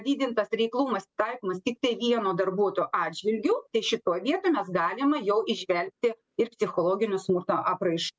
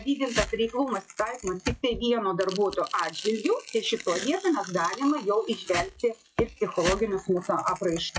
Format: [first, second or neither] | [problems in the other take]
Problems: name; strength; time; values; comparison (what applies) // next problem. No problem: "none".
first | noise reduction (classical method log-MMSE)